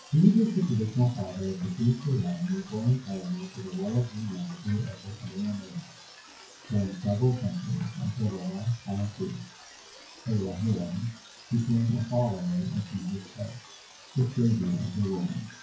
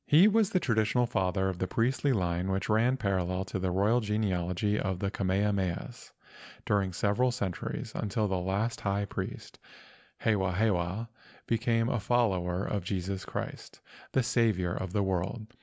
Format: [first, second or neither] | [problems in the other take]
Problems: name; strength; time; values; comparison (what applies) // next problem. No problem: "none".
second | noise reduction (classical method WPE with log-MMSE)